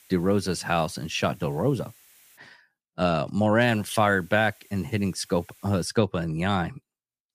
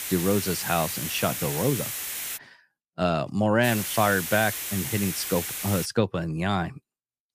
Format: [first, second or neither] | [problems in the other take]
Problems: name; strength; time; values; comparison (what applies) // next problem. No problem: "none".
first | hiss; loud; until 2.5 s and from 3.5 to 6 s; 4 dB below the speech; faint in the first